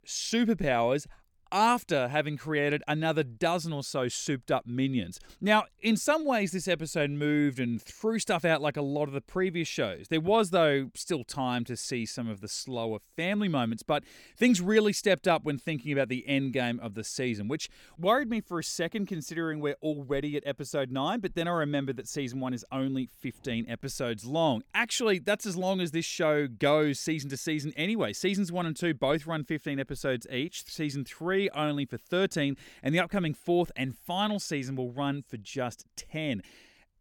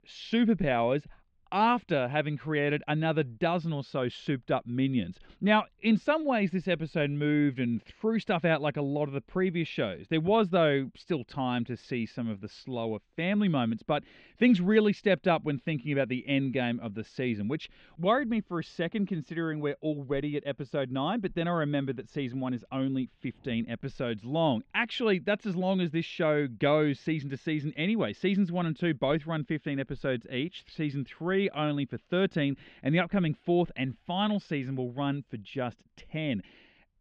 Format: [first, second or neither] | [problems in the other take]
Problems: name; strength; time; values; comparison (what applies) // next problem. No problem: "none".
first | muffled; very; fading above 3.5 kHz